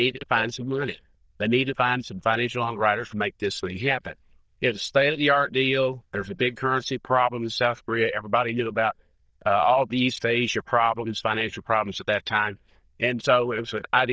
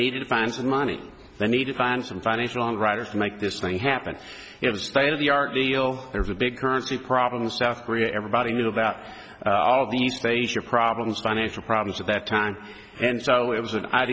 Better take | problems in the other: second | noise reduction (neural diffusion model UNIVERSE++)

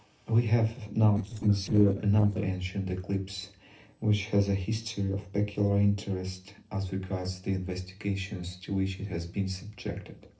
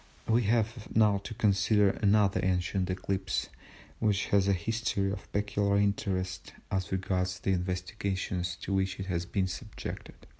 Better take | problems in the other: second | noise reduction (neural separator model SepFormer DNS4)

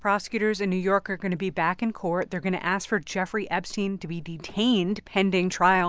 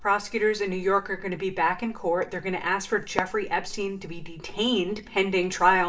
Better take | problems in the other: first | background sound (Fireworks); 13 dB below the speech // room echo; dies away in 0.4 s

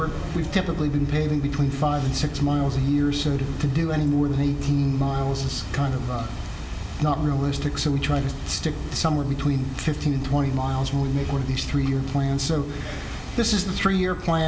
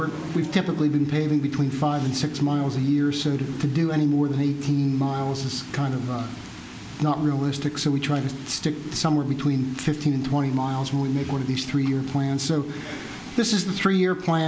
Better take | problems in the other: second | background sound (Bird vocalization, bird call, bird song); 8 dB below the speech // room echo; dies away in 2.5 s

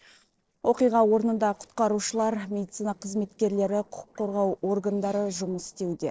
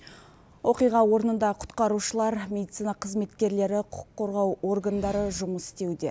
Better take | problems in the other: second | noise reduction (neural separator model SepFormer DNS4)

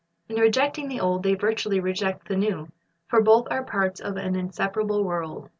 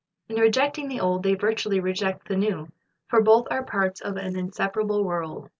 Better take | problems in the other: first | noise reduction (neural mask model Resemble Enhance denoiser)

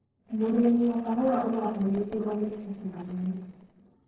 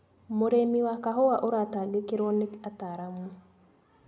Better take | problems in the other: second | noise reduction (neural separator model SepFormer DNS4)

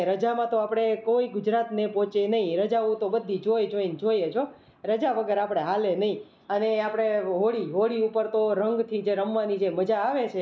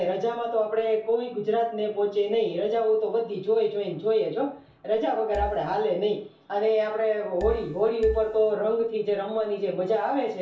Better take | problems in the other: first | background sound (Marimba, xylophone); 11 dB below the speech // room echo; dies away in 0.3 s

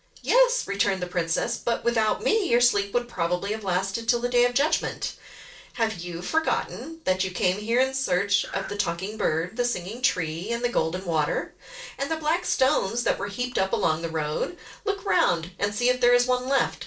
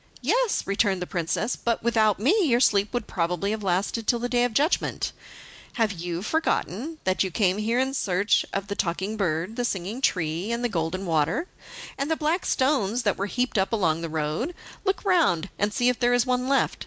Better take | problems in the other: second | noise reduction (neural separator model SepFormer DNS4)

